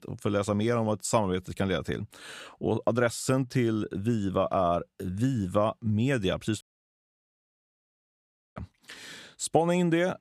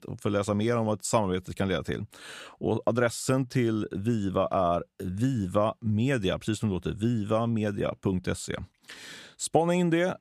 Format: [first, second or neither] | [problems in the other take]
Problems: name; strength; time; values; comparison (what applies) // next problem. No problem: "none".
second | audio cutting out; at 6.5 s for 2 s